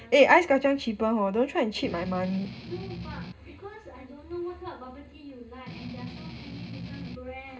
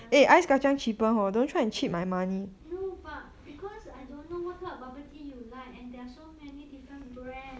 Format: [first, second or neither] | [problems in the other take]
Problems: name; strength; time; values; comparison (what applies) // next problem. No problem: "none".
second | background sound (Strum); 11 dB below the speech // room echo; dies away in 0.2 s